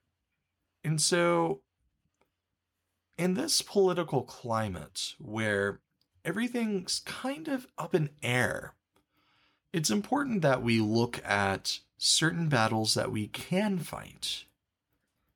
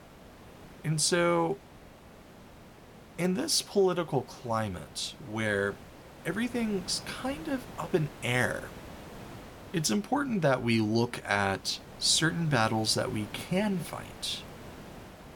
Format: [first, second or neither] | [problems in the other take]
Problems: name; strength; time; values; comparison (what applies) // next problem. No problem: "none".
first | hiss; noticeable; throughout; 20 dB below the speech